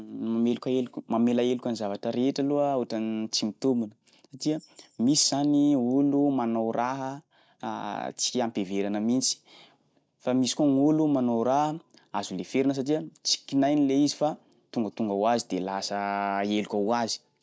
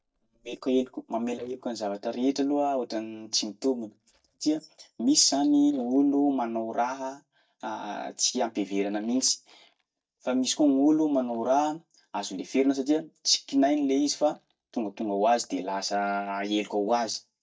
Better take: first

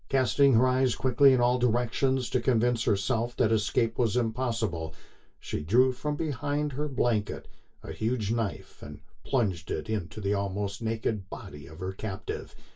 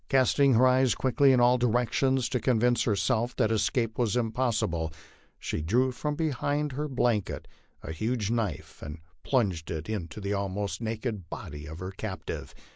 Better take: second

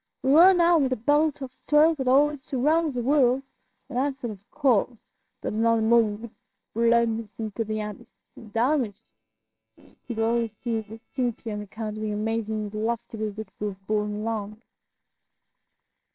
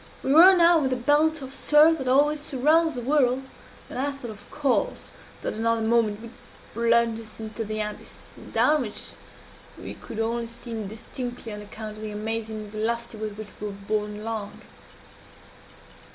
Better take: second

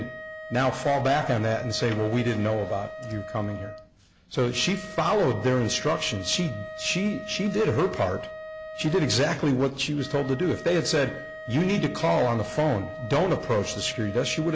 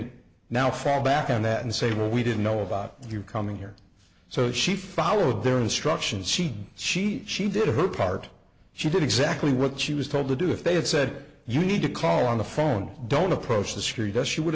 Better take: second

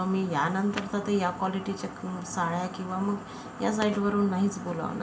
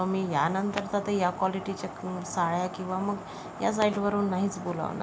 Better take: second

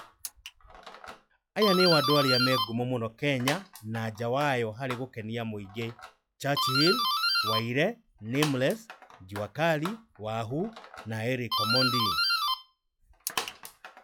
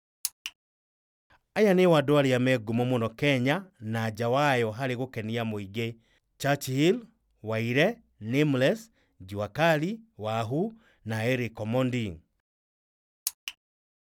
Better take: second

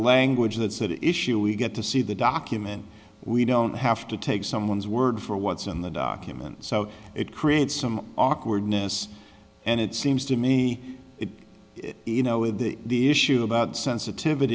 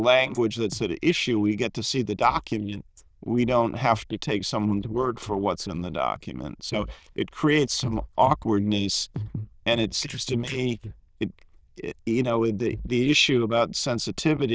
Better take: first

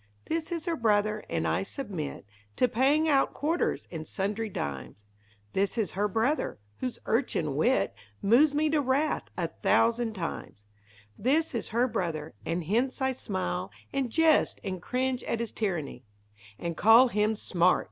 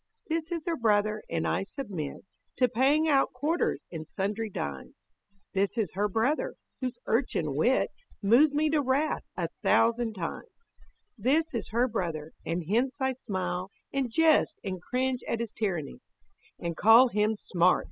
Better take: first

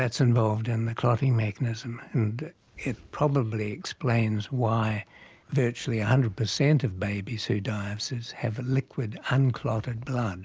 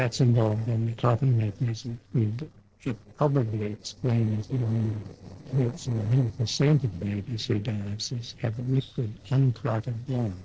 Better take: first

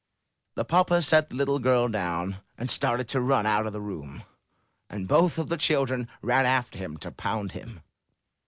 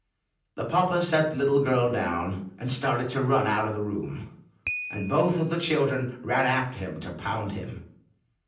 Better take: first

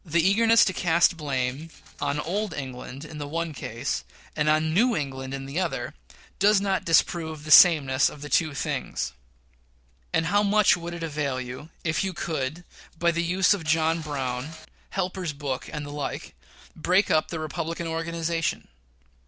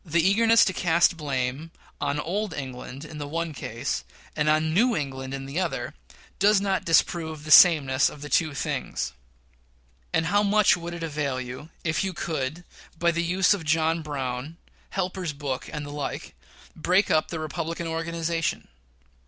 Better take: second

